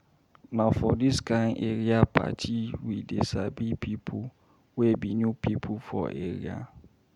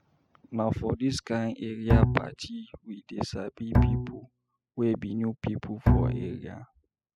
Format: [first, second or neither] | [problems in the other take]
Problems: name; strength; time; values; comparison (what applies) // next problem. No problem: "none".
first | noise reduction (classical method spectral subtraction)